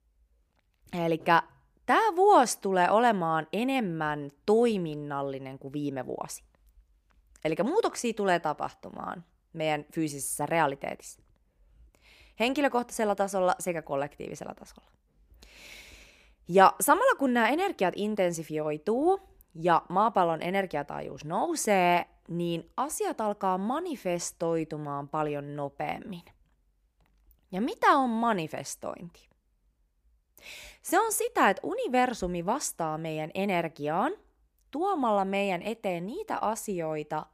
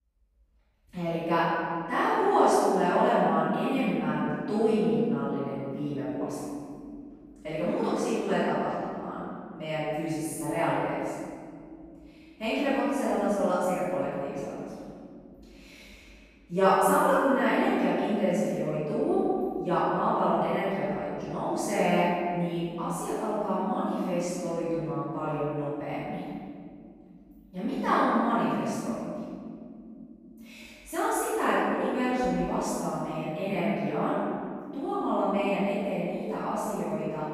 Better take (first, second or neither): first